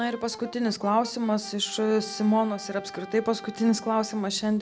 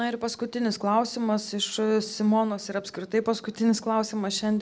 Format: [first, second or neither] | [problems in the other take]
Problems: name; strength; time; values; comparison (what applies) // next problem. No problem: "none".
second | background sound (Brass instrument); 18 dB below the speech